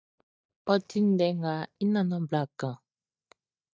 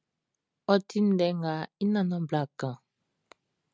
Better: second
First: noise reduction (neural mask model DeepFilterNet 3)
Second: none

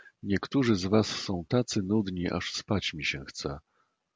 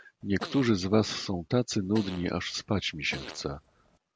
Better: first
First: none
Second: background sound (Fart); 16 dB below the speech

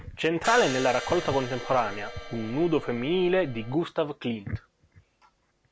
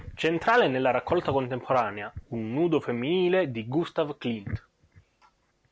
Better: second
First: background sound (Crash cymbal); 9 dB below the speech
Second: none

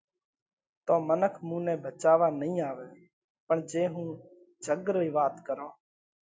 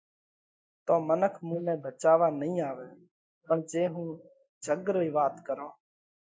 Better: first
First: none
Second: noise reduction (neural mask model Resemble Enhance denoiser)

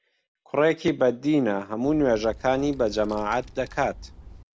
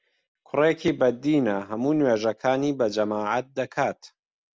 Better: second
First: background sound (Wind); 18 dB below the speech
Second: none

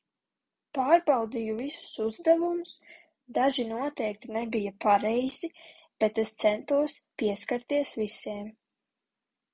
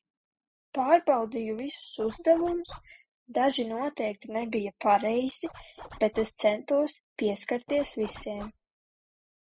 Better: first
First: none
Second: noise reduction (classical method spectral subtraction)

